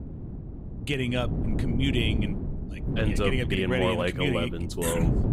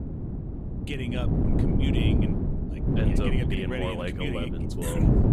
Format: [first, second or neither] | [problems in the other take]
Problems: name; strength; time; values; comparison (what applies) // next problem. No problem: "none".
first | wind noise on the microphone; heavy; 1 dB below the speech; occasional gusts in the first